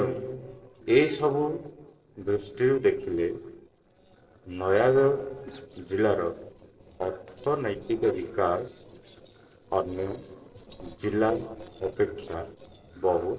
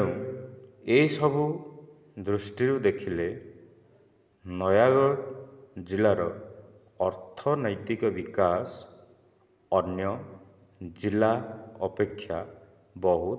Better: second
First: noise reduction (neural separator model SepFormer DNS4)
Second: none

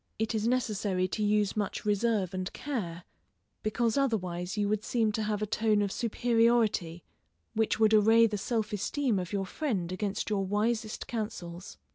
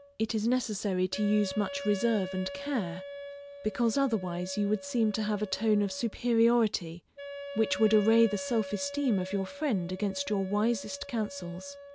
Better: first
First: none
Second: background sound (Wind instrument, woodwind instrument); 13 dB below the speech

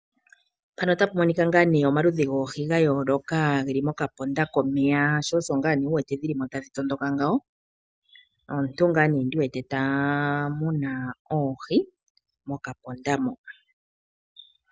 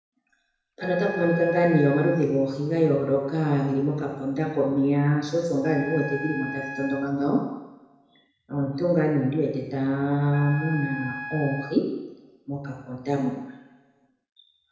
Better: first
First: none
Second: background sound (Wind instrument, woodwind instrument); 12 dB below the speech // room echo; dies away in 1 s

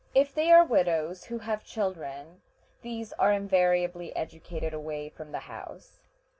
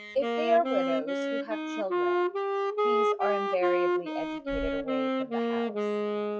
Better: first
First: none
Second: noise reduction (classical method log-MMSE)

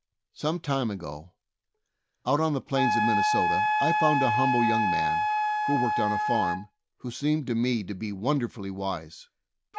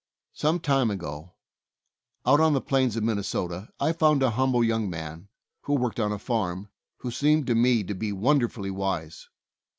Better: second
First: background sound (Wind instrument, woodwind instrument); as loud as the speech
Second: none

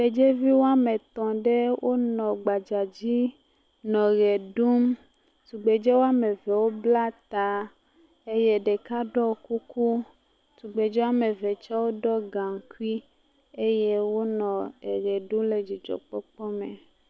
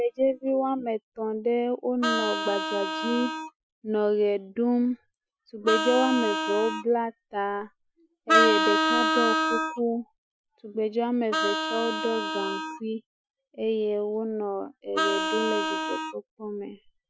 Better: first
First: none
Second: noise reduction (classical method Wiener filter)

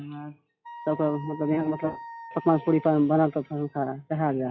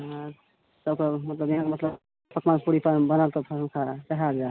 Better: second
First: noise reduction (classical method log-MMSE)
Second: none

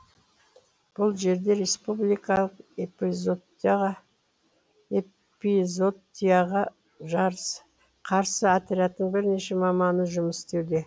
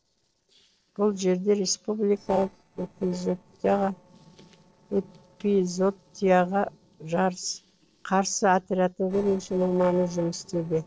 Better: first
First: none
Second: noise reduction (neural separator model SepFormer DNS4)

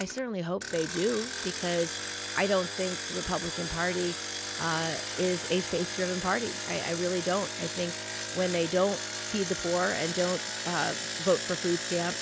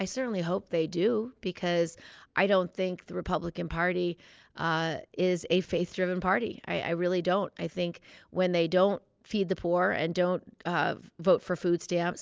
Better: second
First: background sound (Engine); 5 dB below the speech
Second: none

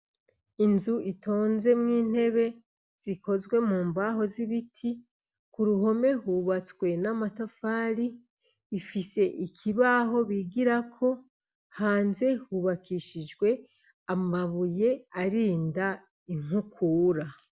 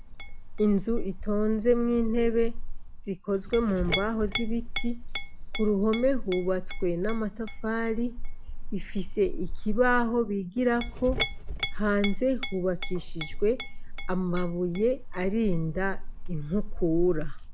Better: first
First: none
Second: background sound (Chink, clink); 2 dB below the speech

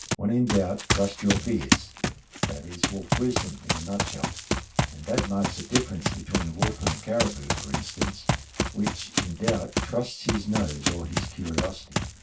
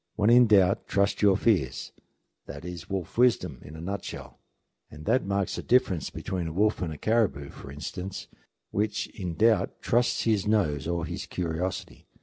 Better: second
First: background sound (Run); 1 dB above the speech // room echo; dies away in 0.2 s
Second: none

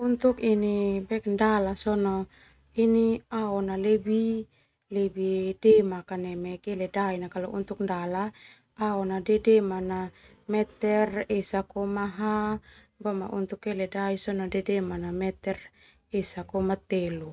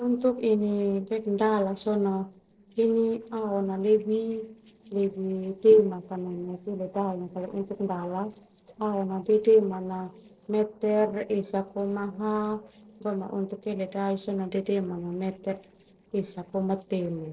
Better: first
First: none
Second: noise reduction (neural separator model SepFormer DNS4)

